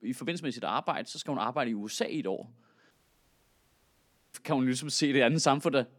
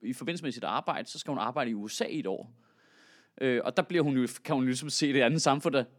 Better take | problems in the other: second | audio cutting out; at 3 s for 1.5 s

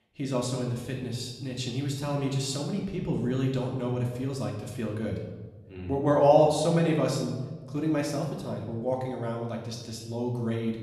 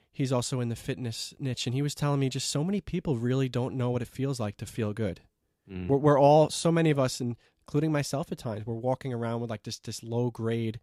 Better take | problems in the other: second | room echo; noticeable; dies away in 1 s // off-mic speech; far

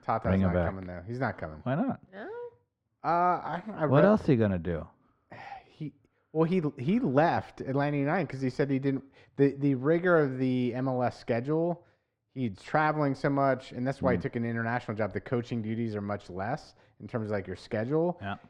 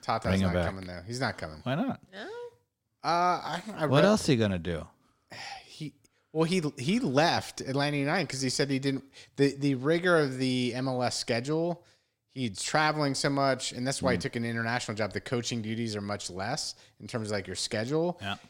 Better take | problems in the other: second | muffled; very; fading above 3.5 kHz

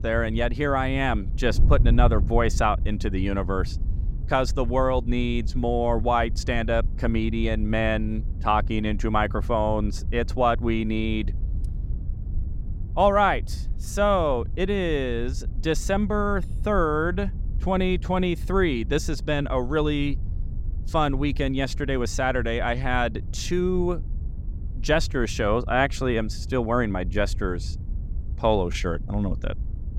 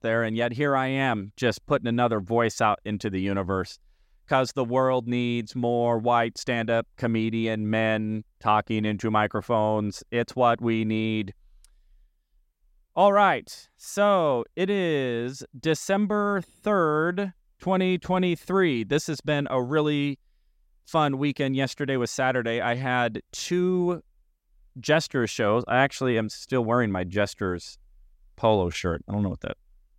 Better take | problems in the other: second | wind noise on the microphone; occasional gusts; 20 dB below the speech

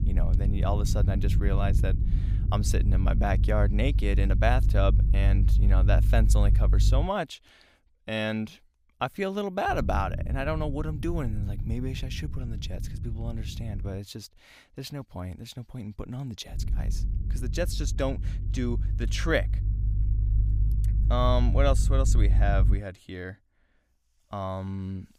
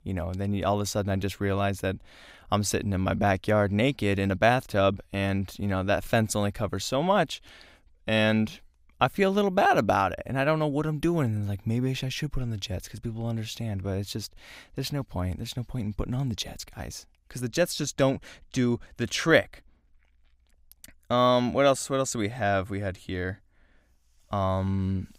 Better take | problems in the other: second | low rumble; noticeable; until 7 s, from 9.5 to 14 s and from 17 to 23 s; 10 dB below the speech

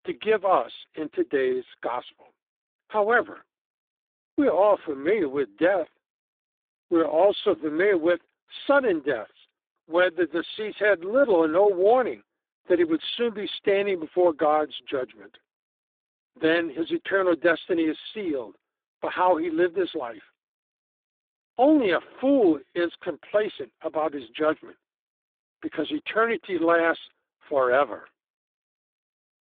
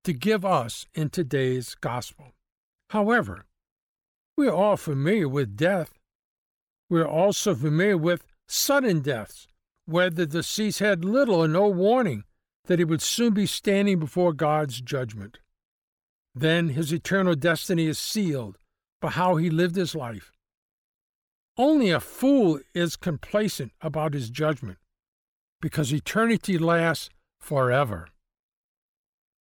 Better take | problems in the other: second | phone-call audio; poor line; nothing above 3.5 kHz

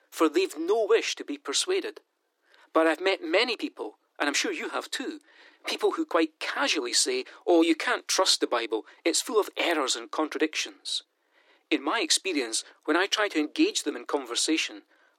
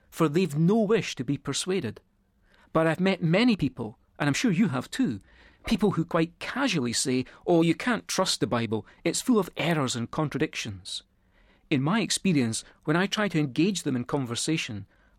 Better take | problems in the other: second | thin; very; fading below 300 Hz

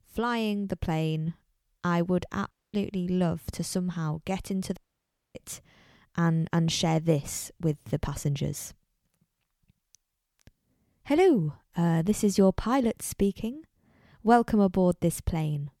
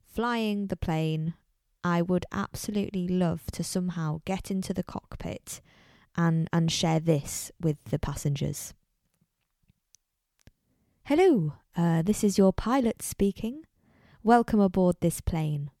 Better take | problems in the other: second | audio cutting out; at 2.5 s and at 5 s for 0.5 s

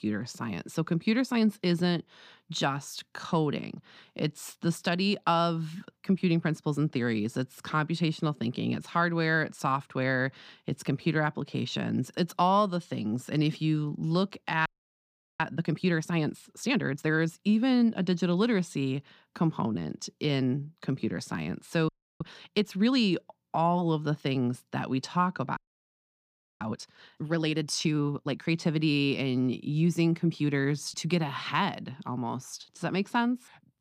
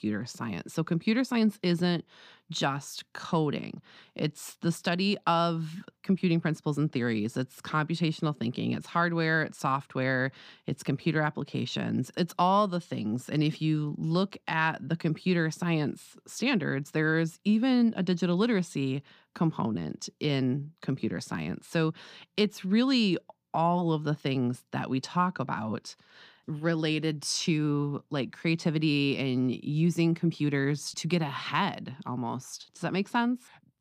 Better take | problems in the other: second | audio freezing; at 15 s for 0.5 s, at 22 s and at 26 s for 1 s

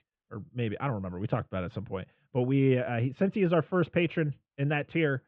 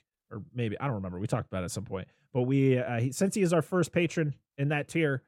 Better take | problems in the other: second | muffled; very; fading above 3 kHz

